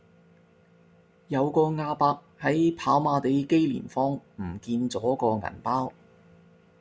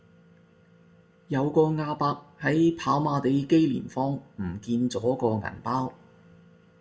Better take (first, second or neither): first